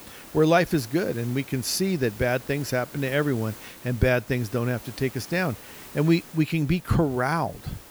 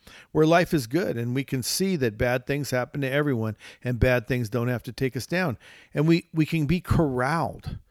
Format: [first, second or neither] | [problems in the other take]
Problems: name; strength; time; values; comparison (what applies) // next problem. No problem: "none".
second | hiss; noticeable; throughout; 20 dB below the speech